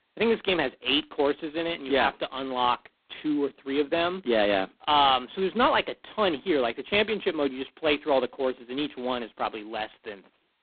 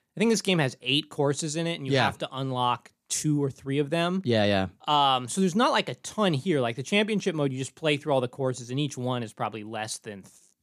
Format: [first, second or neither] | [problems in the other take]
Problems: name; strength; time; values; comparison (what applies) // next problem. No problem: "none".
second | phone-call audio; poor line